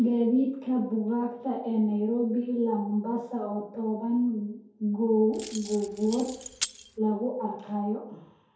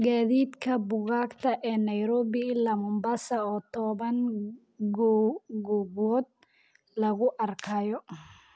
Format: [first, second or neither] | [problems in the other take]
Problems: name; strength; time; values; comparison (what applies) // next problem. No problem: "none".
second | background sound (Keys jangling); 11 dB below the speech // room echo; dies away in 2.2 s